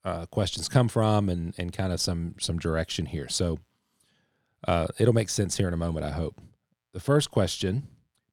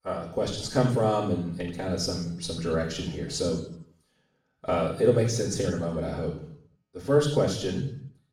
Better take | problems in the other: first | room echo; noticeable; dies away in 0.7 s // off-mic speech; far

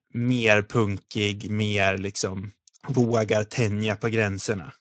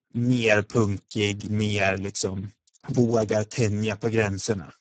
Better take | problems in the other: first | garbled, watery; badly; nothing above 8 kHz; slightly in the first

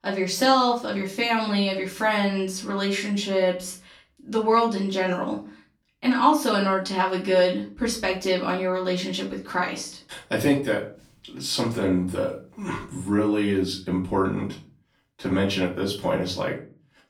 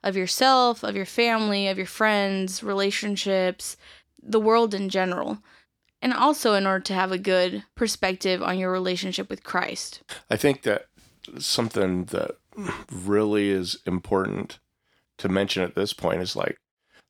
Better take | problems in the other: second | off-mic speech; far // room echo; slight; dies away in 0.3 s

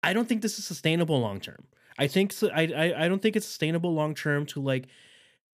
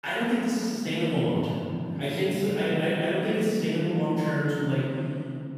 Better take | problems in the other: first | room echo; strong; dies away in 3 s // off-mic speech; far

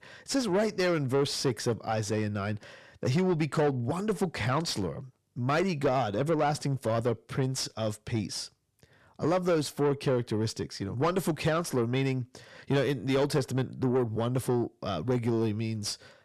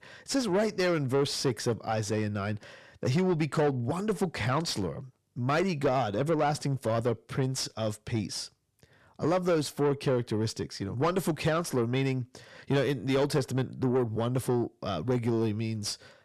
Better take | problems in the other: neither | distortion; slight; 10 dB below the speech; the same in both

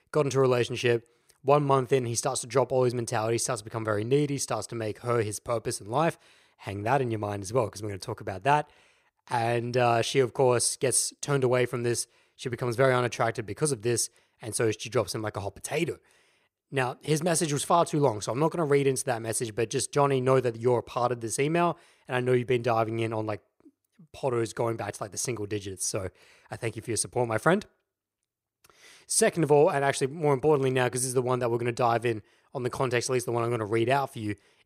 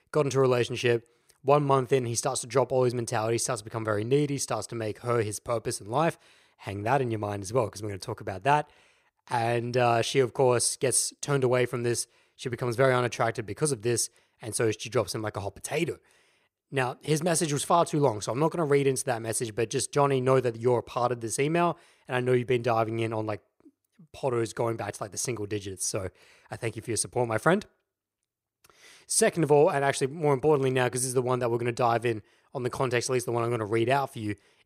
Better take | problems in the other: neither | none

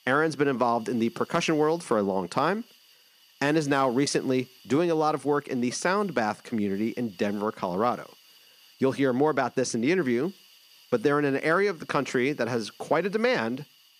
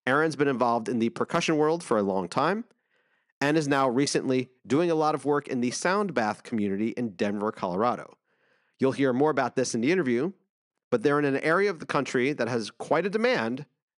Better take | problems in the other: second | hiss; faint; throughout; 25 dB below the speech

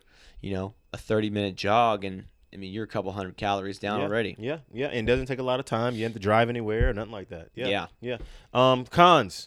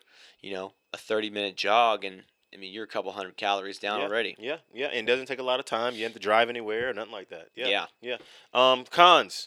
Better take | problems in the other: first | thin; somewhat; fading below 400 Hz

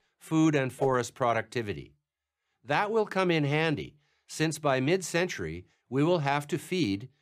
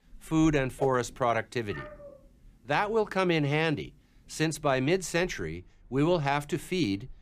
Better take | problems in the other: first | animal sounds; faint; throughout; 25 dB below the speech

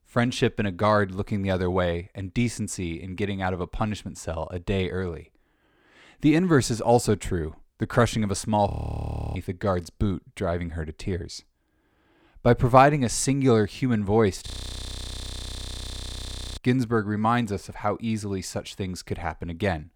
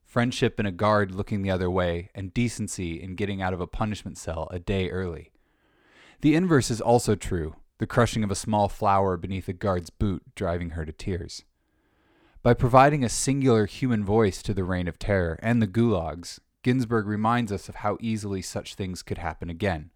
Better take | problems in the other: second | audio freezing; at 8.5 s for 0.5 s and at 14 s for 2 s

